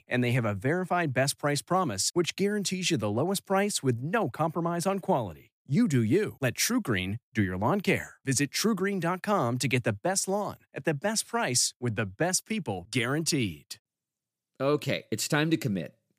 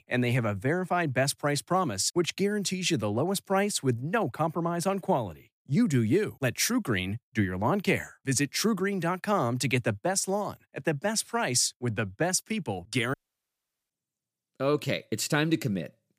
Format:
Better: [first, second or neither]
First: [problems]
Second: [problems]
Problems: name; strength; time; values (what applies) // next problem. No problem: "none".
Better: first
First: none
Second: audio cutting out; at 13 s for 1 s